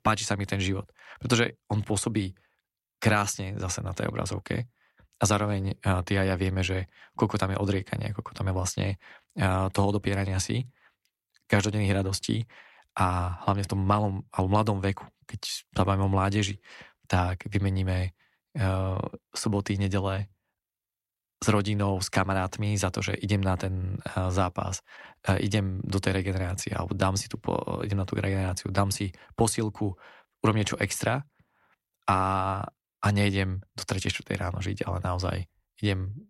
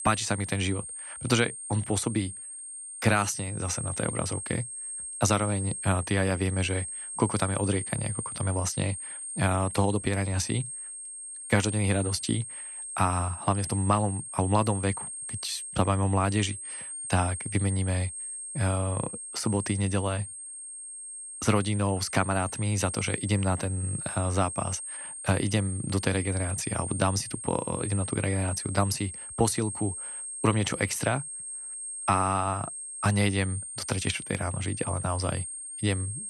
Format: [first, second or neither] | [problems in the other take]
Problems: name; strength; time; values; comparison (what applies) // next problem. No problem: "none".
first | high-pitched whine; loud; throughout; 8.5 kHz, 7 dB below the speech